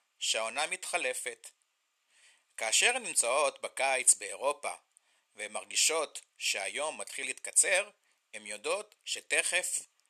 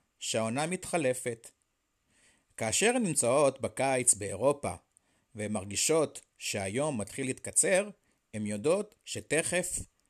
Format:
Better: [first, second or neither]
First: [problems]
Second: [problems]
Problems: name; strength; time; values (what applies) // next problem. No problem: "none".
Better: second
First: thin; very; fading below 850 Hz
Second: none